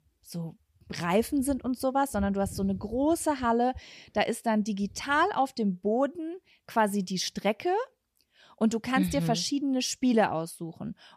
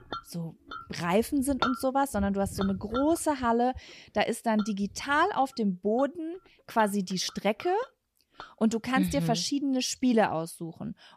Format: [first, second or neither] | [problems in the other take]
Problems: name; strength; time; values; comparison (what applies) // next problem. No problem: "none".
first | household noises; noticeable; throughout; 10 dB below the speech